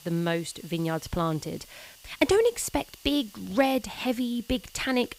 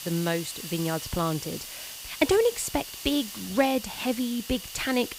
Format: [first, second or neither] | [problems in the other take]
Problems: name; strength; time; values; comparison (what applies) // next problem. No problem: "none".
first | hiss; loud; throughout; 9 dB below the speech; faint in the first